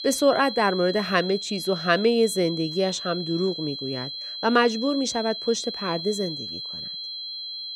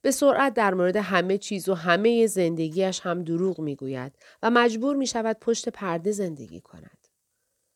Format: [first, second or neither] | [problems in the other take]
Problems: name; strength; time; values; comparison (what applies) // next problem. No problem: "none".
second | high-pitched whine; loud; throughout; 4 kHz, 7 dB below the speech